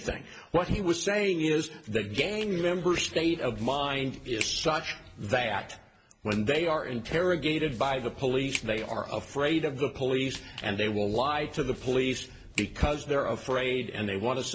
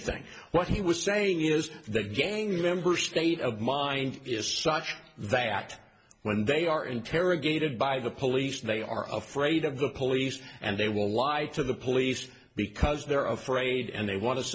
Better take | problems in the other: second | background sound (Walk, footsteps); 15 dB below the speech

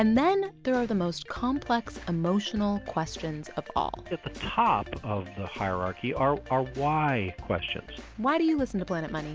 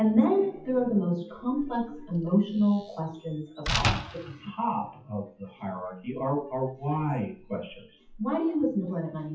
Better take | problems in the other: first | noise reduction (classical method WPE with log-MMSE)

